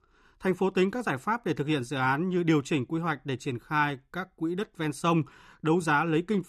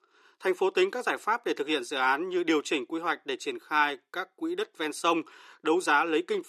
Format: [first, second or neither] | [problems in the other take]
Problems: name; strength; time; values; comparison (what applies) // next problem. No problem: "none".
first | thin; somewhat; fading below 350 Hz